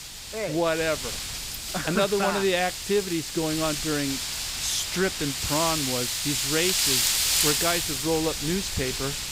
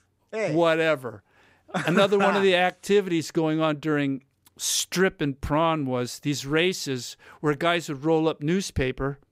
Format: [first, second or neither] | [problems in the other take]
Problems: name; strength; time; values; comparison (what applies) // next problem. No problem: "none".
second | wind noise on the microphone; heavy; 1 dB above the speech